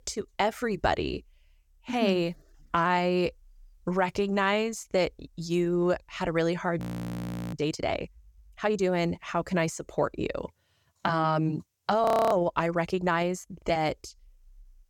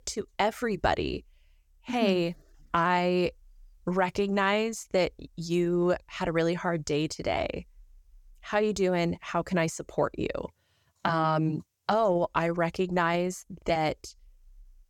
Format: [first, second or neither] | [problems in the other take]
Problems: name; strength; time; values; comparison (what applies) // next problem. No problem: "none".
second | audio freezing; at 7 s for 0.5 s and at 12 s